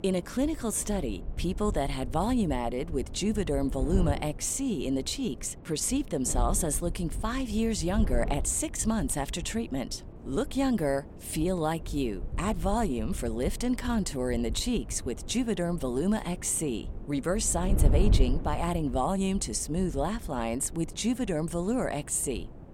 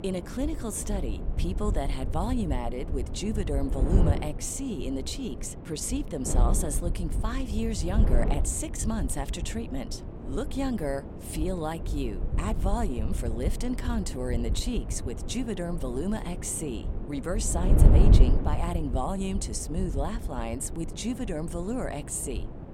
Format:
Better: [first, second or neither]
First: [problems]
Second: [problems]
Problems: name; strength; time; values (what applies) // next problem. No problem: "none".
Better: first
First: wind noise on the microphone; occasional gusts; 15 dB below the speech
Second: wind noise on the microphone; heavy; 7 dB below the speech